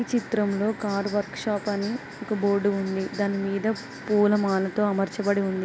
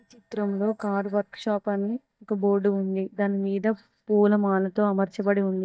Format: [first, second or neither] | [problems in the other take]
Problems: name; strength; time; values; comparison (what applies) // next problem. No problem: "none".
first | noise reduction (neural mask model DeepFilterNet 3)